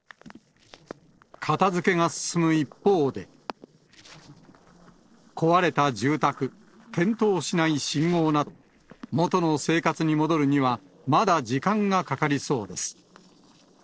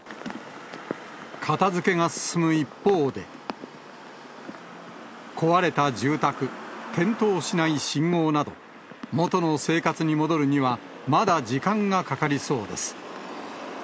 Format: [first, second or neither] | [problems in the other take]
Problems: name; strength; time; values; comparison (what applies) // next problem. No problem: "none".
second | noise reduction (neural separator model SepFormer DNS4)